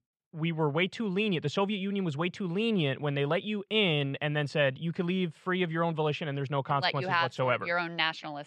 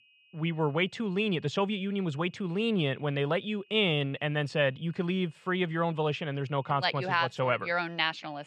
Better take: first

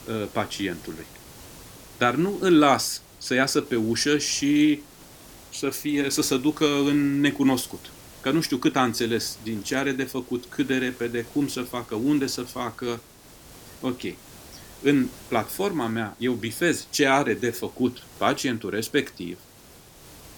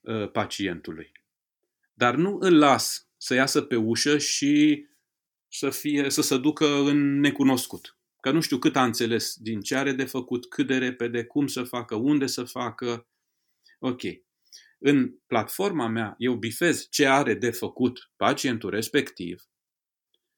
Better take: second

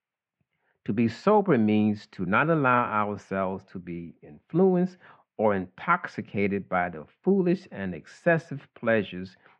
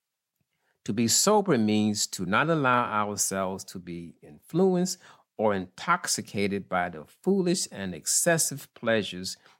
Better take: second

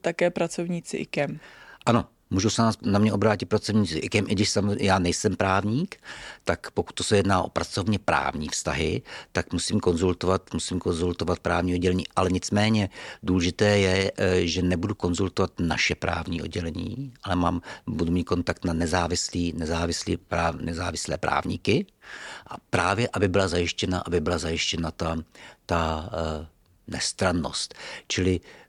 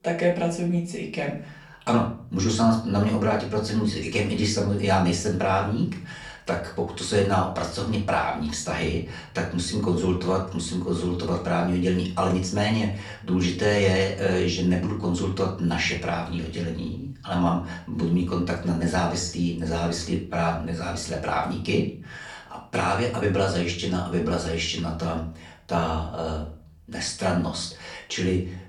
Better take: first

